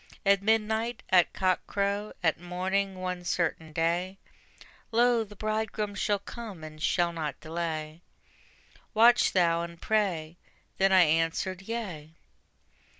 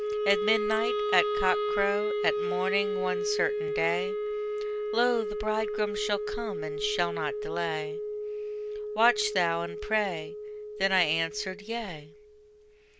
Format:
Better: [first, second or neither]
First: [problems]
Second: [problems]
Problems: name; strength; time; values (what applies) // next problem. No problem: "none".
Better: first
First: none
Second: background sound (Wind instrument, woodwind instrument); 1 dB below the speech